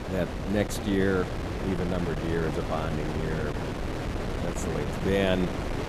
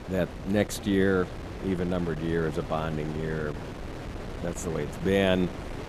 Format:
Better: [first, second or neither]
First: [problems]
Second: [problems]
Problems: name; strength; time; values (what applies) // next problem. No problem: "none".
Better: second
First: wind noise on the microphone; heavy; 3 dB below the speech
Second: wind noise on the microphone; occasional gusts; 10 dB below the speech